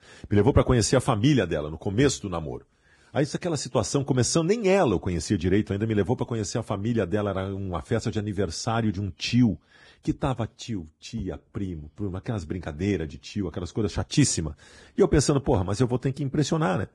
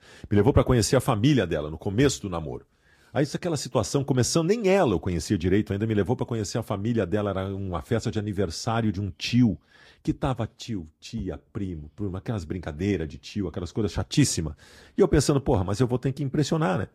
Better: second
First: garbled, watery; badly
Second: garbled, watery; slightly; nothing above 13.5 kHz

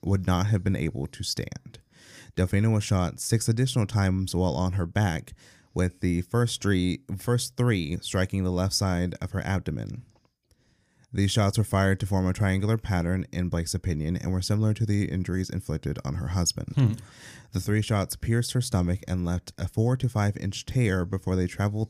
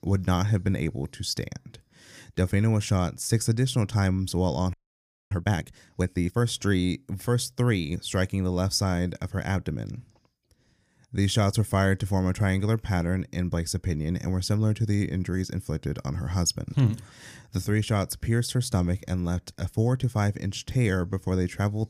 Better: first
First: none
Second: audio freezing; at 4.5 s for 0.5 s

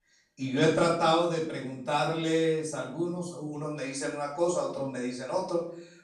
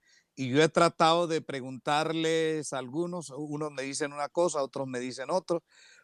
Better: second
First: off-mic speech; far // room echo; noticeable; dies away in 0.5 s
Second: none

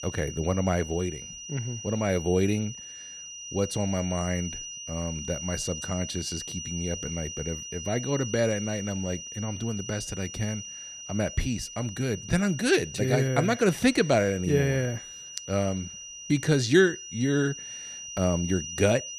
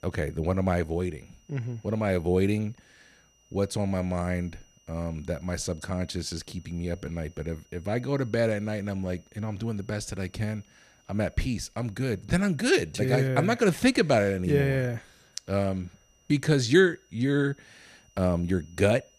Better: second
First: high-pitched whine; loud; throughout; 6 kHz, 9 dB below the speech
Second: high-pitched whine; faint; throughout; 6 kHz, 35 dB below the speech

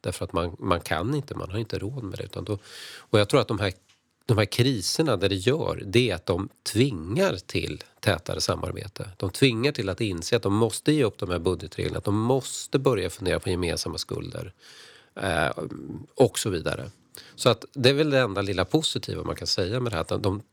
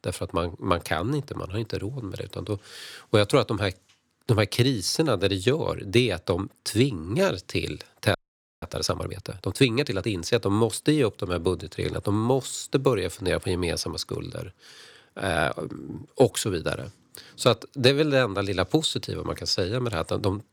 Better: first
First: none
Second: audio freezing; at 8 s

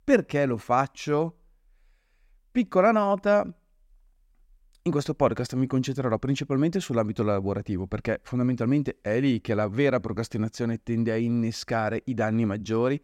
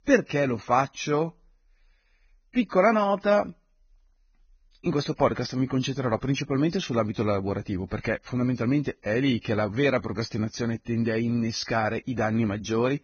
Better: first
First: none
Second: garbled, watery; badly; nothing above 6.5 kHz

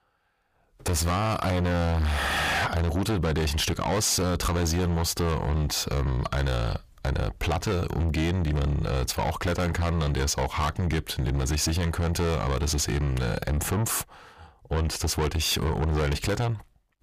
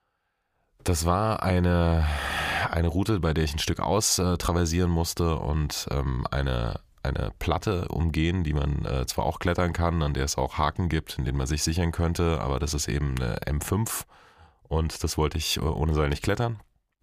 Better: second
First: distortion; heavy; 7 dB below the speech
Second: none

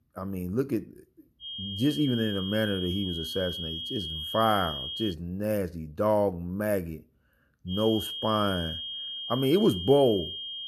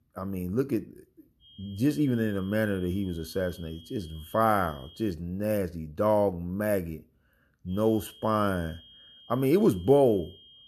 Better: second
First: high-pitched whine; loud; from 1.5 to 5 s and from 7.5 s on; 3 kHz, 6 dB below the speech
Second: high-pitched whine; faint; from 1.5 to 5 s and from 7.5 s on; 3 kHz, 25 dB below the speech

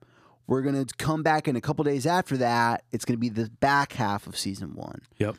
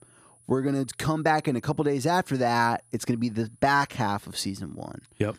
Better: first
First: none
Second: high-pitched whine; faint; throughout; 9.5 kHz, 30 dB below the speech

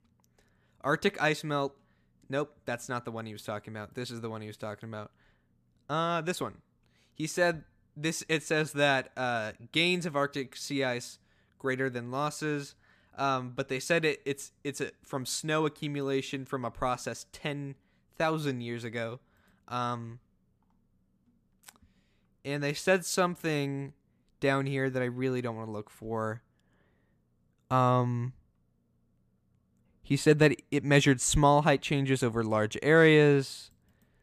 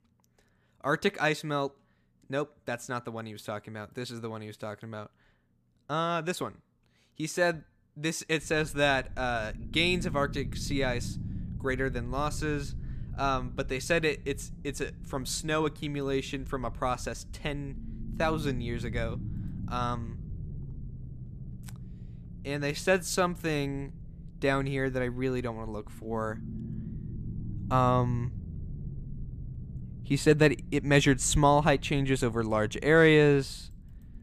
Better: first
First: none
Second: low rumble; faint; from 8.5 s on; 25 dB below the speech

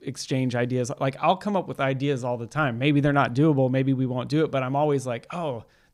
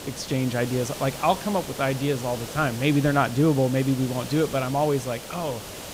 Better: first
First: none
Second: hiss; noticeable; throughout; 10 dB below the speech

